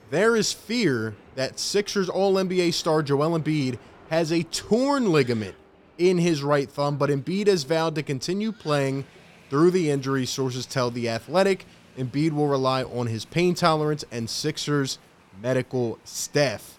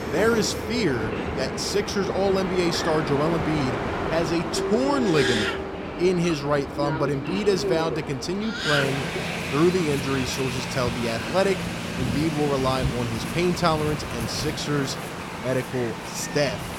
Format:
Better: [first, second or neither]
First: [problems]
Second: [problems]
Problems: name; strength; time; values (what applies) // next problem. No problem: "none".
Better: first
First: train or aircraft noise; faint; throughout; 25 dB below the speech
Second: train or aircraft noise; loud; throughout; 3 dB below the speech